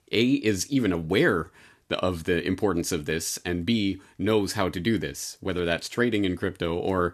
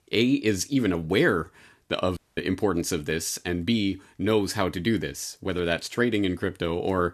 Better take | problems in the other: first | audio cutting out; at 2 s

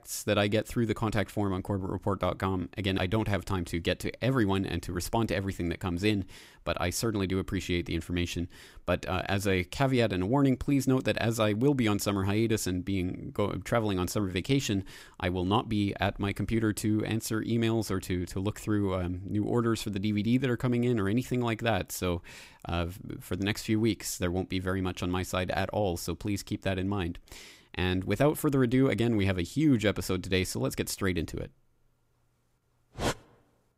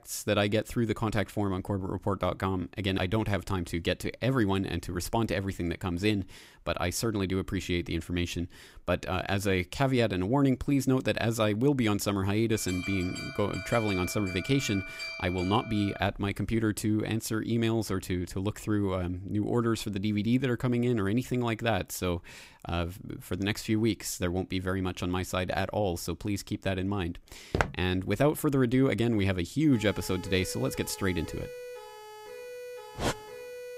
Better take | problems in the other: first | alarm; noticeable; from 13 to 16 s; peak 6 dB below the speech // footsteps; noticeable; at 28 s; peak 2 dB below the speech // siren; faint; from 30 s on; peak 10 dB below the speech

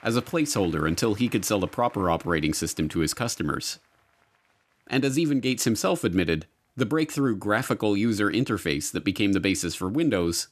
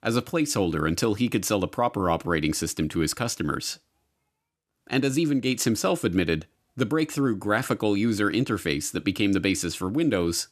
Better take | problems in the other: second | crowd noise; faint; throughout; 30 dB below the speech

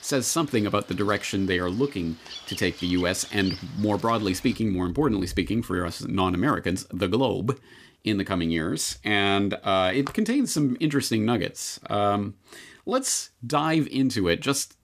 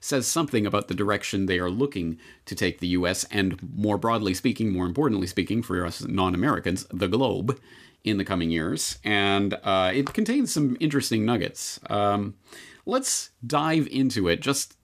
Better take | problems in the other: second | animal sounds; noticeable; until 6 s; 15 dB below the speech

